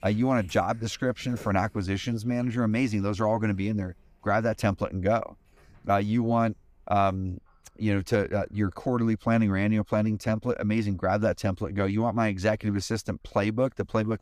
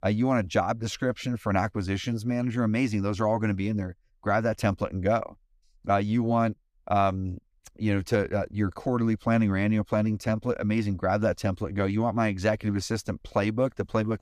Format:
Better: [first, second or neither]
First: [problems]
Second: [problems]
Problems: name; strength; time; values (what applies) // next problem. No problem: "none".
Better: second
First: animal sounds; faint; throughout; 30 dB below the speech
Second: none